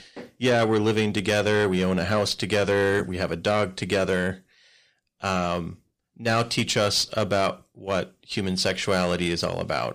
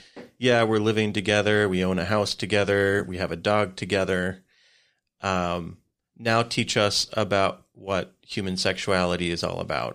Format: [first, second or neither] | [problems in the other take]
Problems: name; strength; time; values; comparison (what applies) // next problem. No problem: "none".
second | distortion; slight; 10 dB below the speech